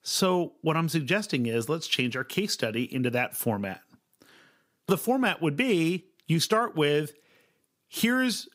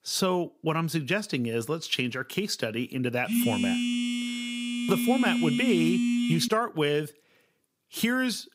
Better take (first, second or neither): first